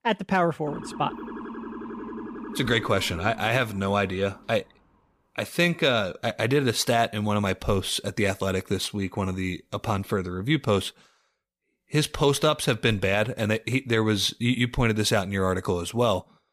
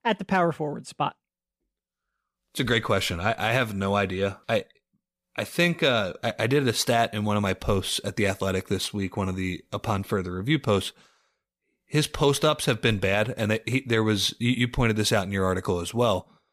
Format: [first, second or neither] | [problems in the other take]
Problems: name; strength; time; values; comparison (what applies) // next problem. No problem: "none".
second | siren; faint; from 0.5 to 4.5 s; peak 10 dB below the speech